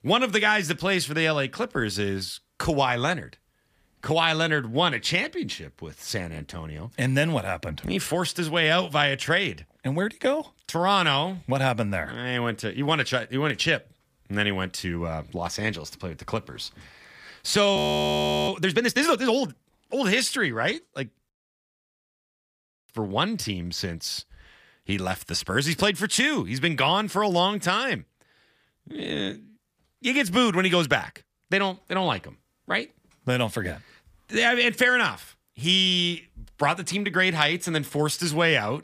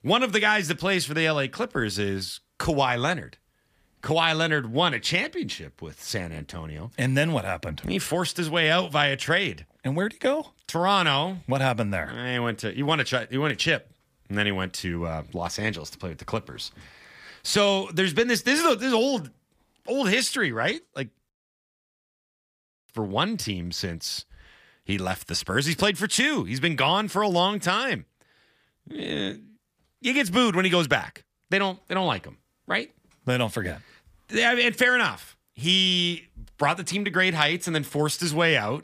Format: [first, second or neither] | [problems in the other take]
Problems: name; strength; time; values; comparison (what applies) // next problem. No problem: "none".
second | audio freezing; at 18 s for 0.5 s